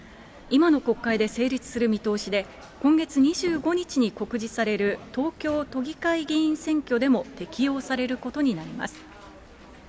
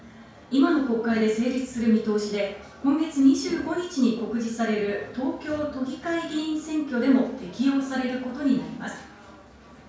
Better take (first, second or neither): first